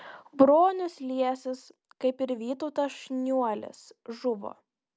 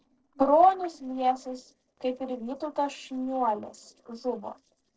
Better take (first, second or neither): first